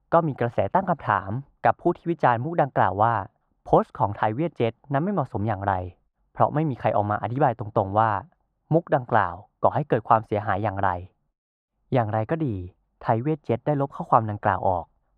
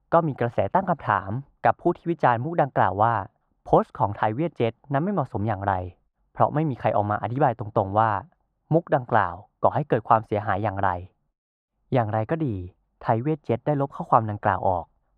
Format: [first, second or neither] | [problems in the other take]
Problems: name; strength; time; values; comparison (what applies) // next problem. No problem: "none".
neither | muffled; very; fading above 3 kHz; the same in both